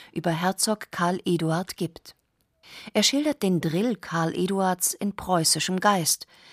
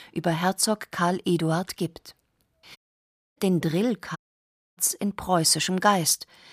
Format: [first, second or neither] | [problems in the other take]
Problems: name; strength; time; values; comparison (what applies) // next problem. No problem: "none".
first | audio cutting out; at 3 s for 0.5 s and at 4 s for 0.5 s